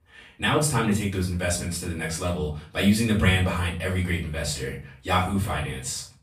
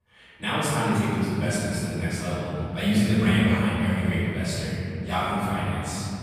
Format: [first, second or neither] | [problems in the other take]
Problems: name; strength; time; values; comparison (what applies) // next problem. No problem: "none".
first | room echo; strong; dies away in 3 s; slight in the first // off-mic speech; far; far in the first